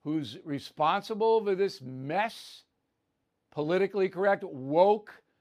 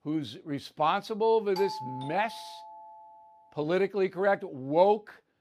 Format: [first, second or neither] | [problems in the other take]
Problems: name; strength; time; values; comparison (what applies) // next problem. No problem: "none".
first | doorbell; noticeable; from 1.5 to 3 s; peak 8 dB below the speech